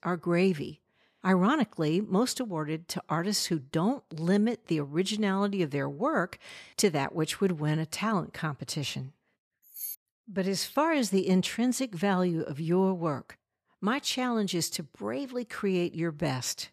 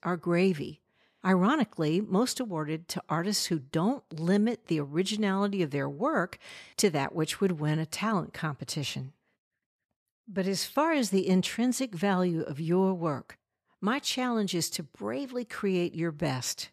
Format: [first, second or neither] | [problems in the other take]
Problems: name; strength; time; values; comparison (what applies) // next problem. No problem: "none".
second | jangling keys; noticeable; at 9.5 s; peak 8 dB below the speech